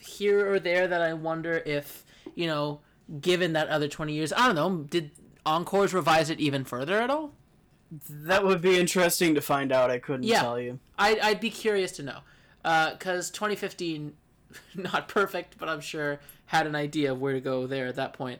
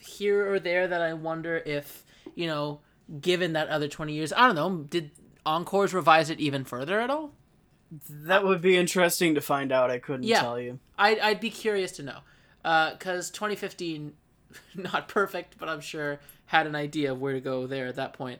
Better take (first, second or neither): second